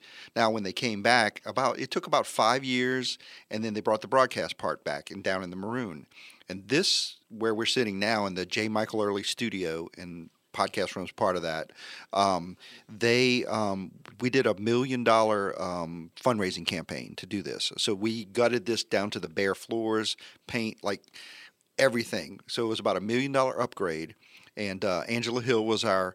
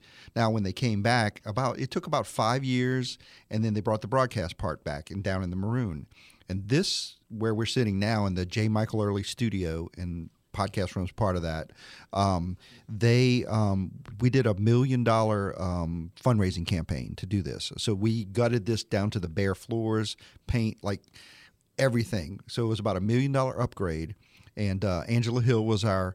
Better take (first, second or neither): second